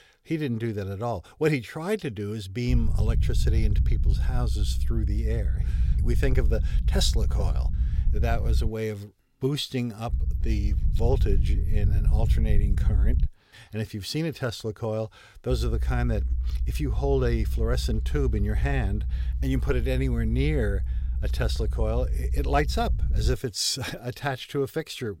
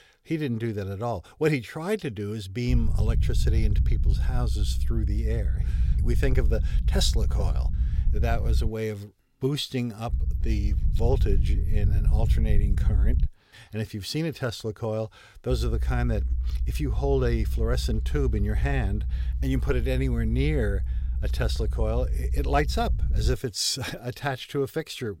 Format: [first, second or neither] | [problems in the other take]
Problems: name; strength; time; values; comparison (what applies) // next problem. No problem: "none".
neither | low rumble; noticeable; from 2.5 to 8.5 s, from 10 to 13 s and from 16 to 23 s; 15 dB below the speech; the same in both